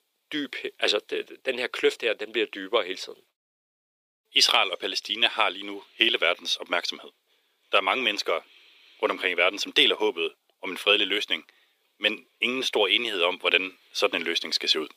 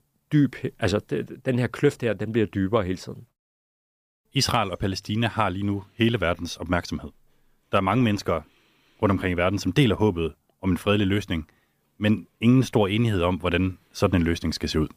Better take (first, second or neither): second